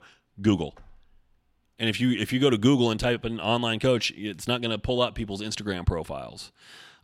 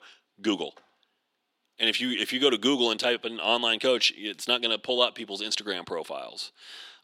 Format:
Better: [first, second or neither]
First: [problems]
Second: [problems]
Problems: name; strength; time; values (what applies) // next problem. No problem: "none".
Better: first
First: none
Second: thin; very slightly; fading below 300 Hz